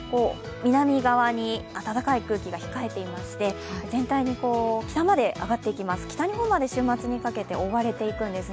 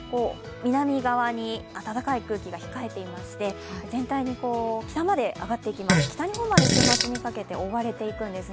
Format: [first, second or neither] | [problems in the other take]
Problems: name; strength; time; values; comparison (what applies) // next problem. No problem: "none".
first | background sound (Fart); 5 dB above the speech